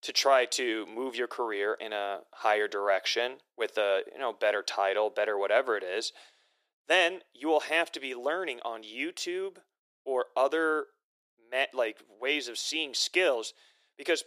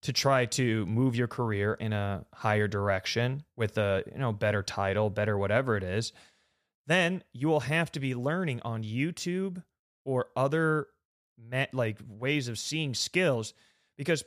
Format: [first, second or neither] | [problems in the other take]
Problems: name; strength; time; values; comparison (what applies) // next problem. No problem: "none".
second | thin; very; fading below 350 Hz